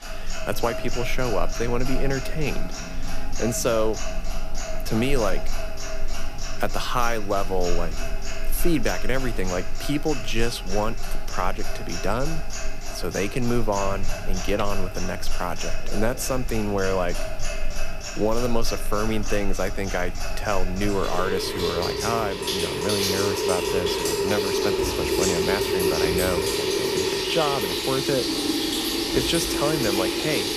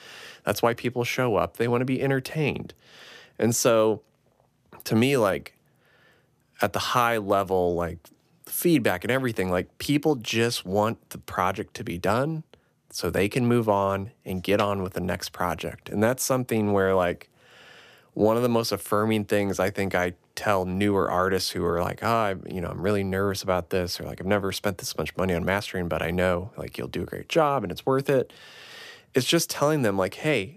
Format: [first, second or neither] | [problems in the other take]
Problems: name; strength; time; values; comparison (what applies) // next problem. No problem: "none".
second | household noises; loud; throughout; as loud as the speech